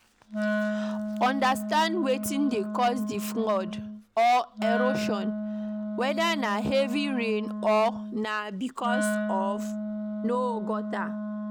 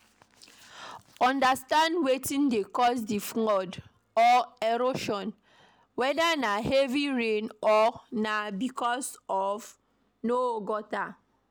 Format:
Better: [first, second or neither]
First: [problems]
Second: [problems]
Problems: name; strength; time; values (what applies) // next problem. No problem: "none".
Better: second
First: background sound (Wind instrument, woodwind instrument); 3 dB below the speech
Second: none